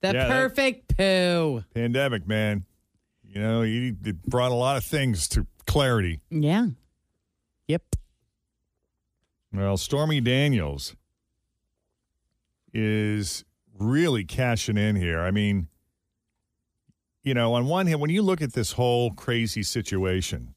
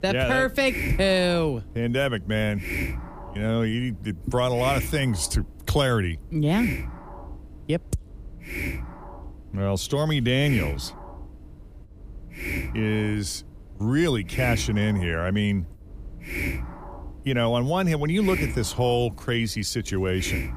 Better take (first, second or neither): first